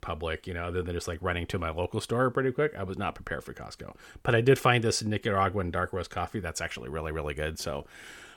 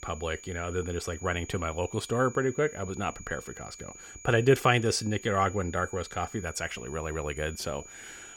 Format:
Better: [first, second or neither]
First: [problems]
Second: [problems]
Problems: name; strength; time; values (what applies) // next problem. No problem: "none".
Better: first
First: none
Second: high-pitched whine; noticeable; throughout; 7 kHz, 15 dB below the speech